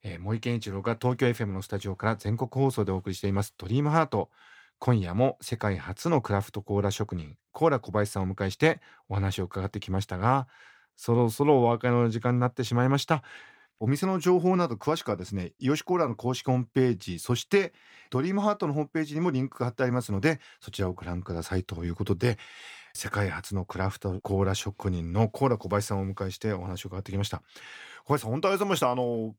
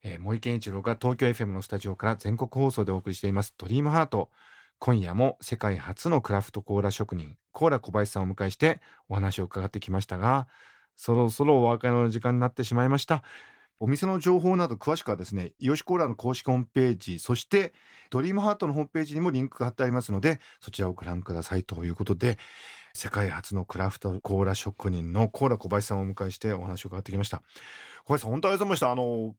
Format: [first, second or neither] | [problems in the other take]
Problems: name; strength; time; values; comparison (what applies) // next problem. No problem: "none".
first | garbled, watery; slightly; nothing above 19 kHz